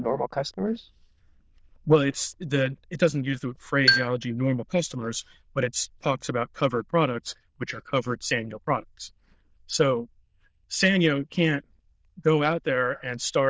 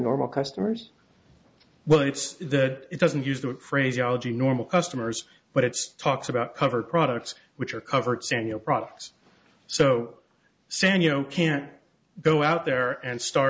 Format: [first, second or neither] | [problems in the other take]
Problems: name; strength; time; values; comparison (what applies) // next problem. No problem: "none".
second | noise reduction (neural diffusion model UNIVERSE++)